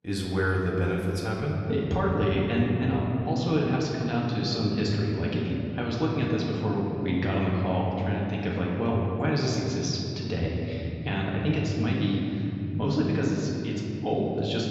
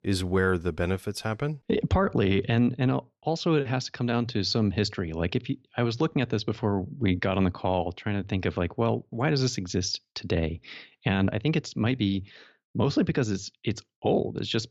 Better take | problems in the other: second | off-mic speech; far // room echo; noticeable; dies away in 3 s

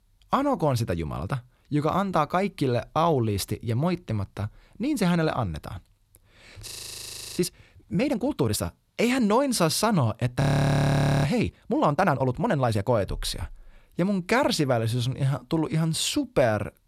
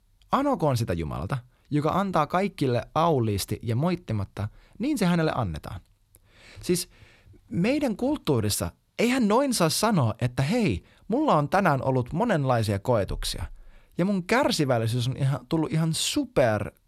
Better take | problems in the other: second | audio freezing; at 6.5 s for 0.5 s and at 10 s for 1 s

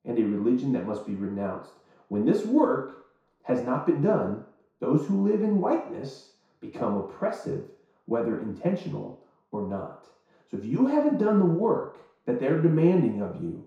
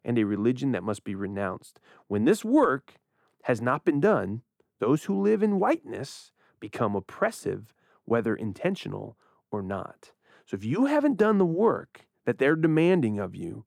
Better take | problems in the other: second | room echo; noticeable; dies away in 0.6 s // off-mic speech; far

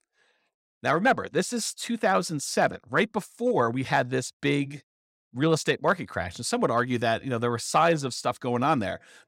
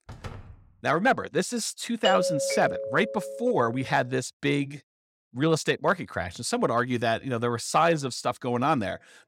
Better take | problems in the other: first | door banging; faint; at the start; peak 15 dB below the speech // doorbell; loud; from 2 to 3.5 s; peak 1 dB above the speech

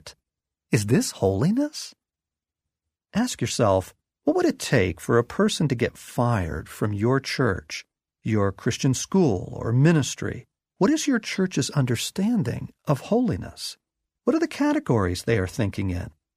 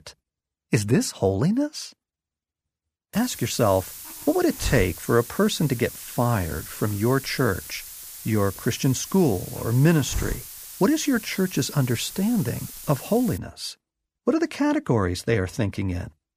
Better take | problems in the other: first | hiss; noticeable; from 3 to 13 s; 10 dB below the speech

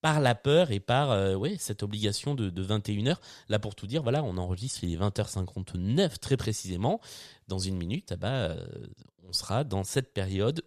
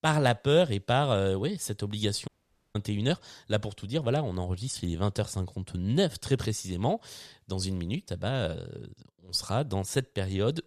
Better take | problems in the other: first | audio cutting out; at 2.5 s

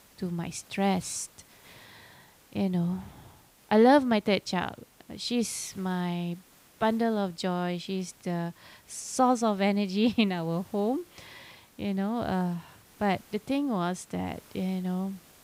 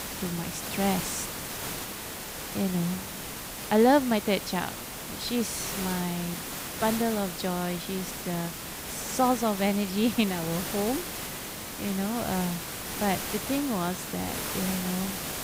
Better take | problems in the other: first | hiss; loud; throughout; 5 dB below the speech; faint in the first

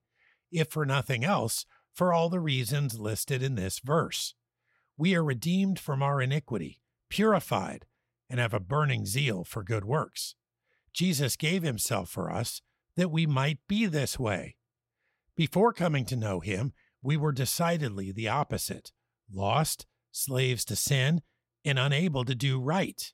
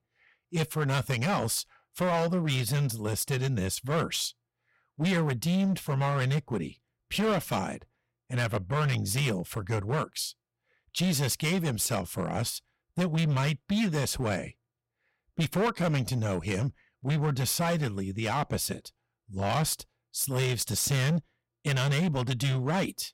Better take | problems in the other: first | distortion; slight; 12% of the sound clipped

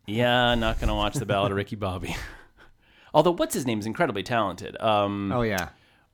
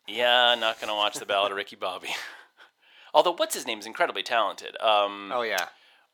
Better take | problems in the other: first | thin; very; fading below 650 Hz

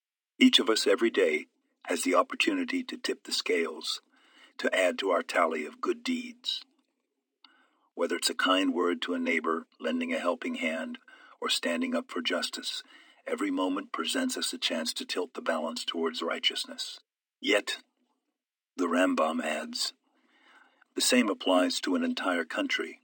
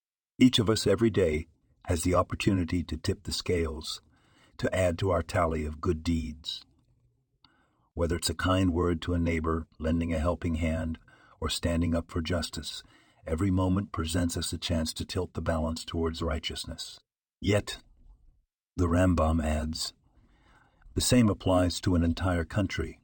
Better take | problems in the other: second | thin; very slightly; fading below 250 Hz

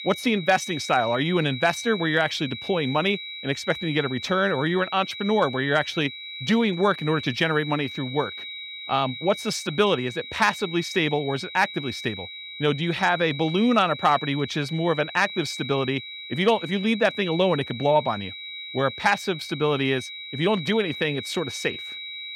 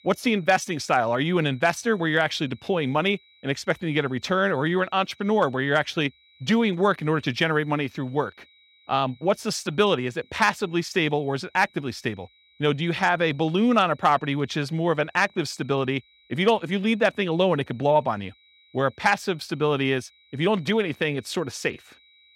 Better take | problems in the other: second | high-pitched whine; loud; throughout; 4 kHz, 10 dB below the speech; faint in the second

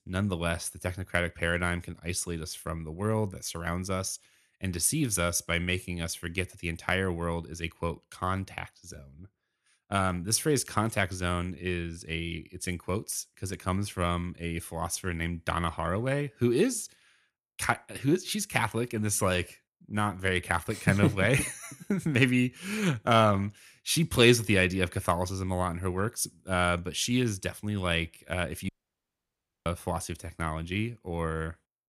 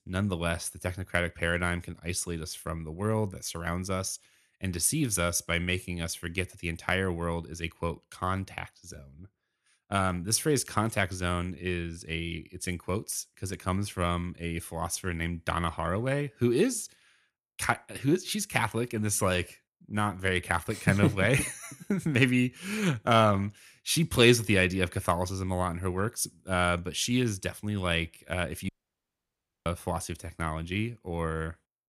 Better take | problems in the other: neither | audio cutting out; at 29 s for 1 s; the same in both

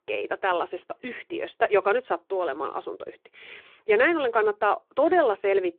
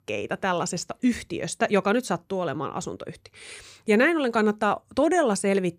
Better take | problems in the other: second | phone-call audio

